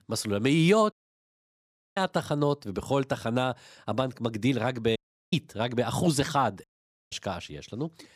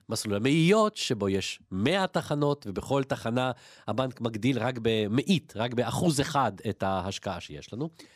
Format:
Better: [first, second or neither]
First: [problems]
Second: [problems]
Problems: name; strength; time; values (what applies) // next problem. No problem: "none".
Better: second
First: audio cutting out; at 1 s for 1 s, at 5 s and at 6.5 s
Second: none